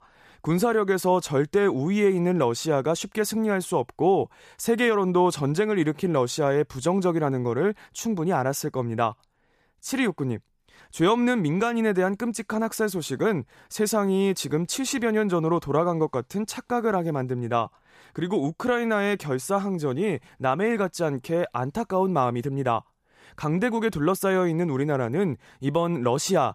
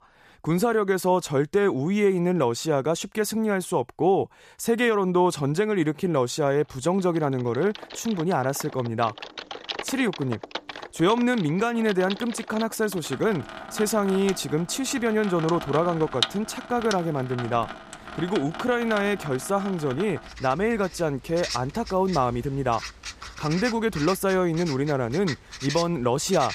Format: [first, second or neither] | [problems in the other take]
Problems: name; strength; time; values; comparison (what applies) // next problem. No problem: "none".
first | household noises; noticeable; from 7 s on; 10 dB below the speech